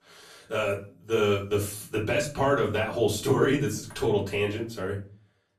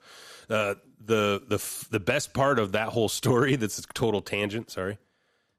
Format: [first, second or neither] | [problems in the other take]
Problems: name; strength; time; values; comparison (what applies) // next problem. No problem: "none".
second | off-mic speech; far // room echo; slight; dies away in 0.3 s